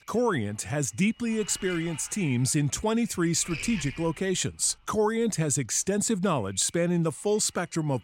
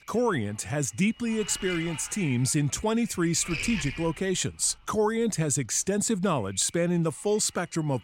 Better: first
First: wind noise on the microphone; occasional gusts; 10 dB below the speech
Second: wind noise on the microphone; heavy; 8 dB below the speech

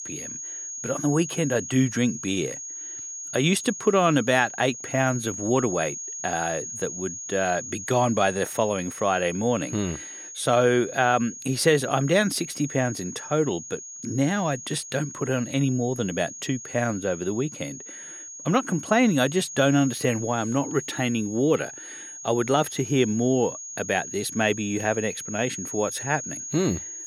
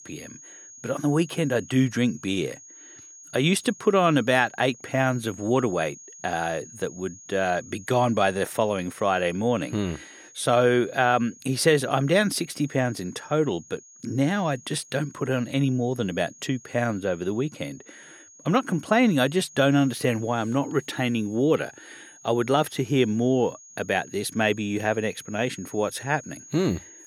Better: second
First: high-pitched whine; loud; throughout; 6.5 kHz, 10 dB below the speech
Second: high-pitched whine; faint; throughout; 6.5 kHz, 20 dB below the speech

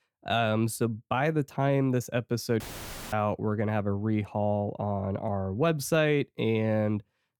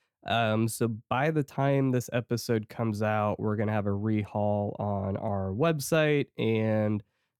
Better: second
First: audio cutting out; filled with static; at 2.5 s for 0.5 s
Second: none

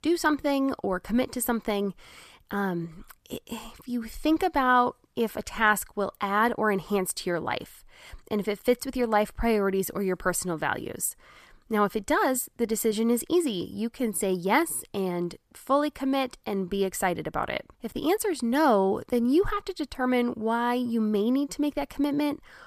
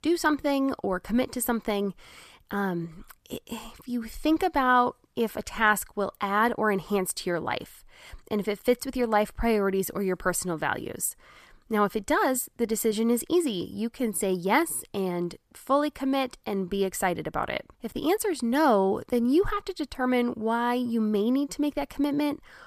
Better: neither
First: none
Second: none

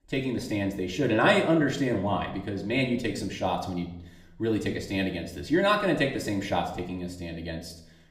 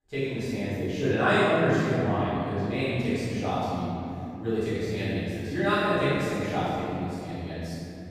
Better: first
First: room echo; slight; dies away in 0.6 s // off-mic speech; far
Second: room echo; strong; dies away in 3 s // off-mic speech; far

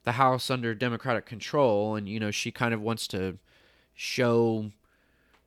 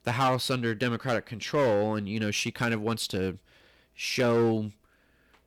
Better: first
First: none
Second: distortion; slight; 6% of the sound clipped

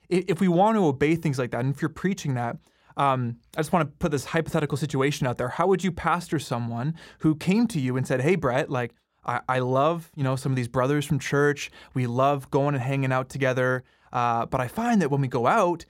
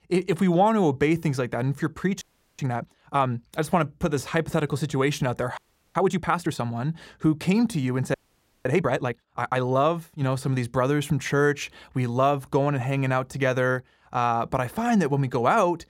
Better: first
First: none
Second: audio freezing; at 2 s, at 5.5 s and at 8 s for 0.5 s

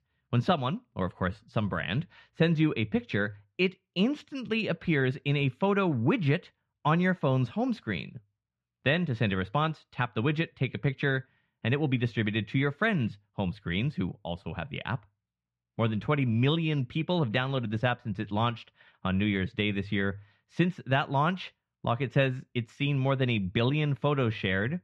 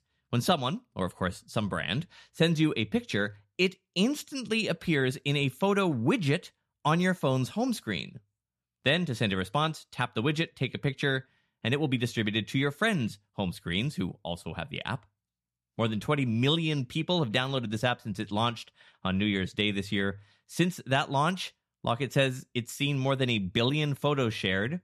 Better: second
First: muffled; slightly; fading above 2.5 kHz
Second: none

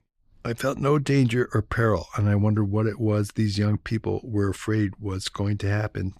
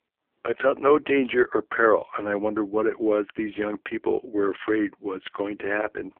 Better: first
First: none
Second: phone-call audio; poor line

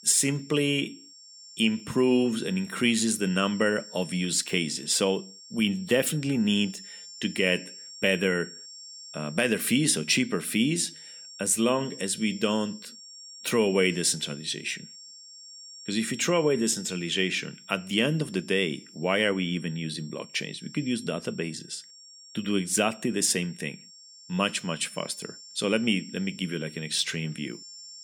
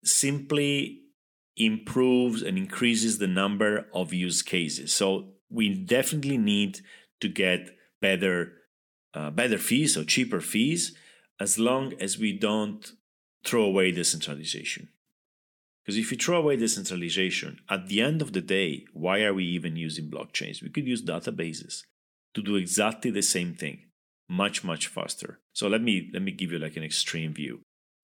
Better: second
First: high-pitched whine; noticeable; throughout; 5.5 kHz, 15 dB below the speech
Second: none

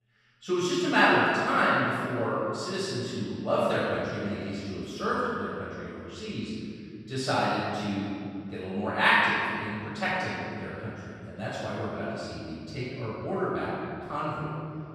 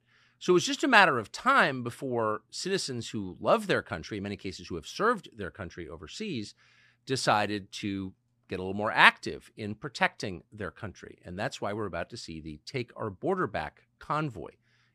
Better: second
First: off-mic speech; far // room echo; strong; dies away in 2.3 s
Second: none

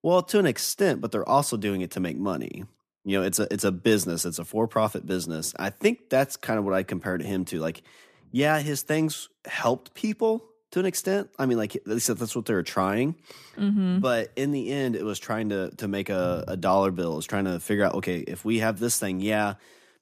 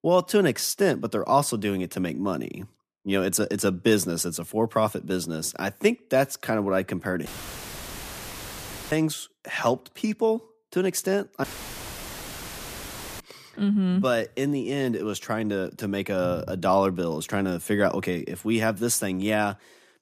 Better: first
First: none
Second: audio cutting out; filled with static; at 7.5 s for 1.5 s and at 11 s for 2 s

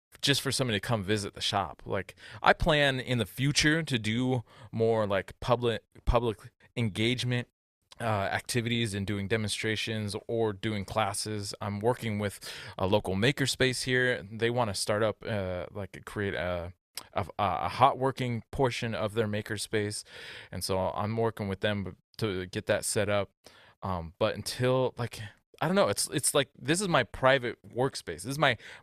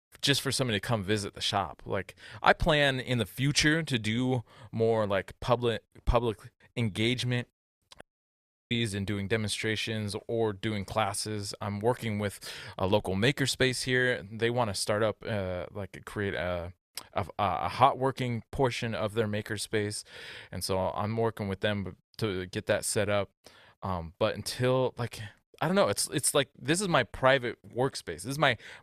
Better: first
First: none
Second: audio cutting out; at 8 s for 0.5 s

